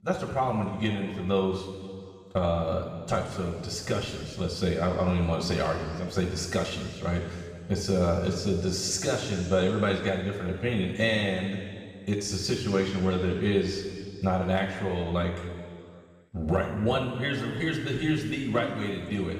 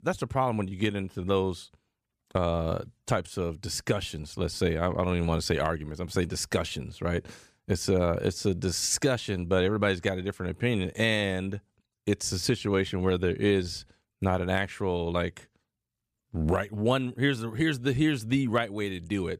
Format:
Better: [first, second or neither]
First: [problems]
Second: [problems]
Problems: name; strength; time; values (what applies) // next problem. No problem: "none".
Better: second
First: room echo; noticeable; dies away in 2.1 s // off-mic speech; far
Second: none